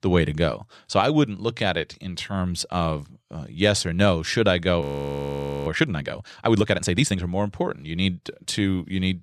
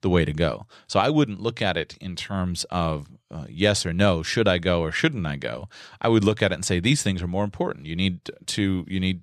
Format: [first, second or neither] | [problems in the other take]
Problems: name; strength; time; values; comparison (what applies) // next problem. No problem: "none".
second | audio freezing; at 5 s for 1 s